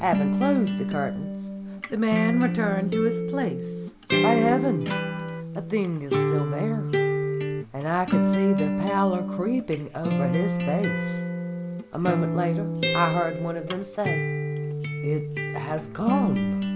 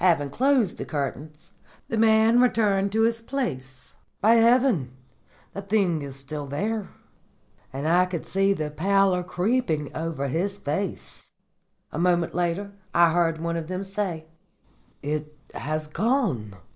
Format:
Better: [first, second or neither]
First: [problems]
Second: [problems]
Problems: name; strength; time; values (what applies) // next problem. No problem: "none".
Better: second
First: background sound (Acoustic guitar); 1 dB above the speech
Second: none